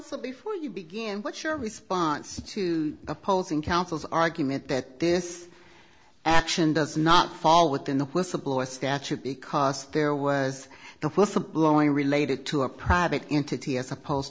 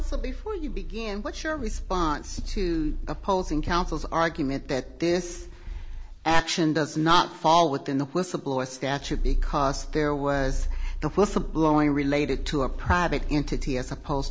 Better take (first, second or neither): first